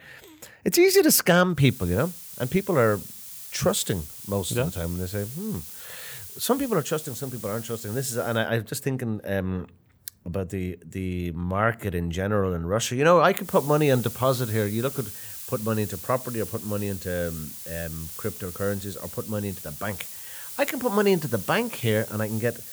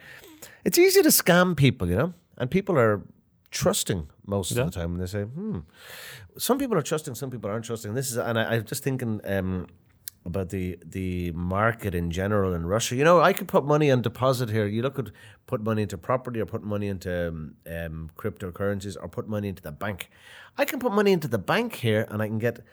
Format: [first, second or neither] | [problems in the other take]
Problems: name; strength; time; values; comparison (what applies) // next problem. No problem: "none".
second | hiss; noticeable; from 1.5 to 8.5 s and from 13 s on; 10 dB below the speech